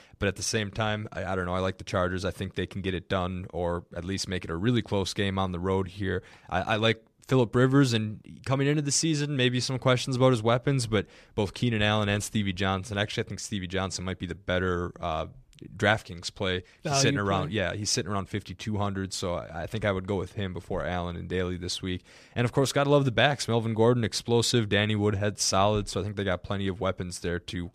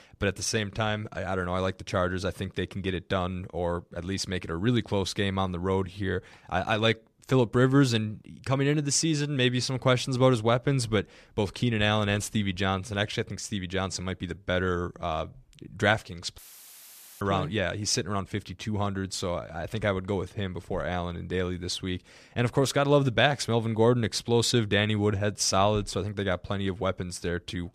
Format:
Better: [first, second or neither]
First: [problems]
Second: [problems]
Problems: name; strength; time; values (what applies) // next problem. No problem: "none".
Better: first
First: none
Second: audio cutting out; filled with static; at 16 s for 1 s